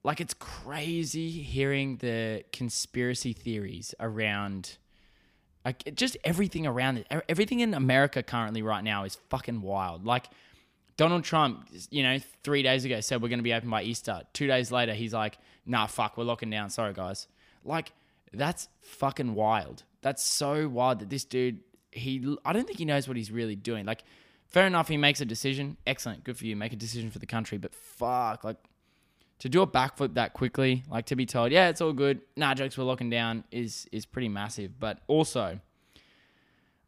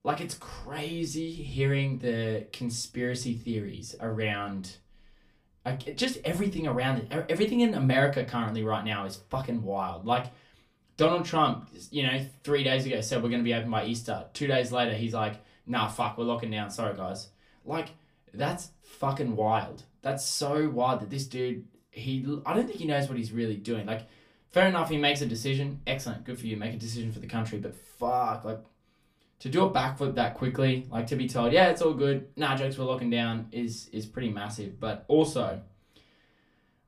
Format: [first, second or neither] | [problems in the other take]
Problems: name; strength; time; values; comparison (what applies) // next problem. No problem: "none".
first | off-mic speech; far // room echo; very slight; dies away in 0.2 s